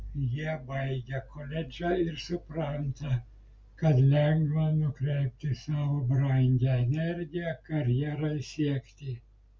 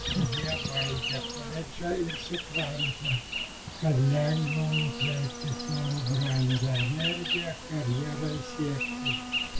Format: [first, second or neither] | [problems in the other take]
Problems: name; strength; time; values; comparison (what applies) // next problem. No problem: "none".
first | background sound (Insect); 3 dB below the speech